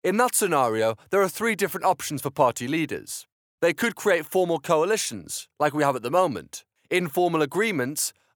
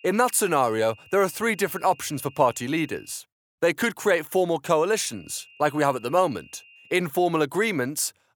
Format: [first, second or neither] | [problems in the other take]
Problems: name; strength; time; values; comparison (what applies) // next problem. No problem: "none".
first | high-pitched whine; faint; until 3 s and from 5 to 7 s; 3 kHz, 25 dB below the speech